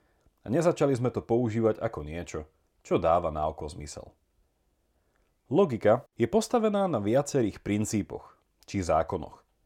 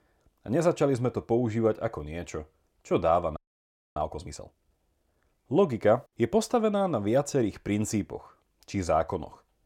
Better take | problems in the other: first | audio freezing; at 3.5 s for 0.5 s

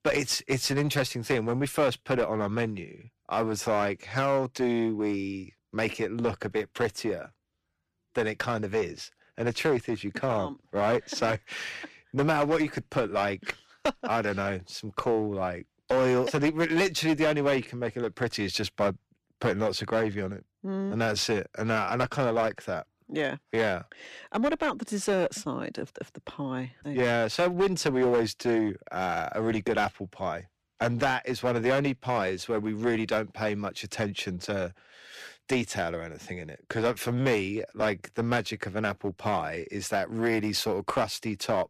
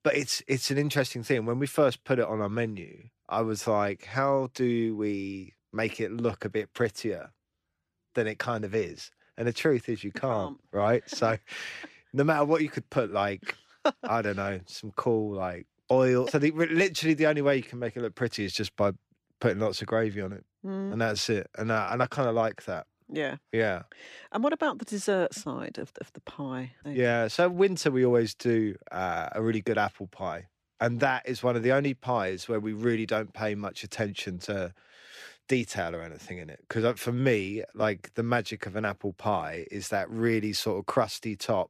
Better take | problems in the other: second | distortion; slight; 7% of the sound clipped

